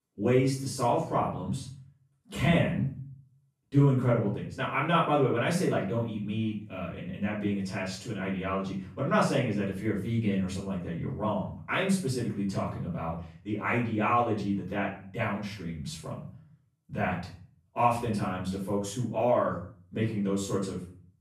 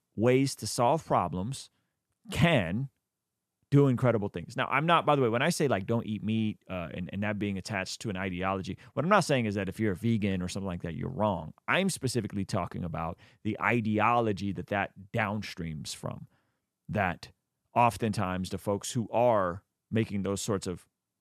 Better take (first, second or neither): second